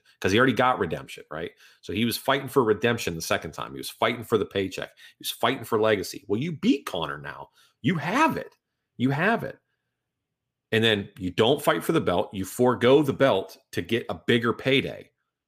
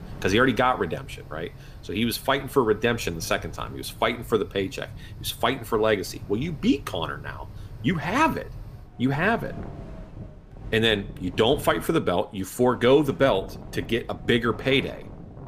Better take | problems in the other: first | wind in the background; noticeable; throughout; 15 dB below the speech

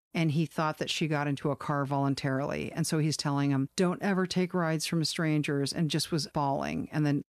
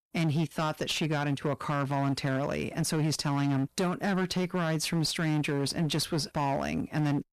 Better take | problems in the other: first | distortion; slight; 21% of the sound clipped

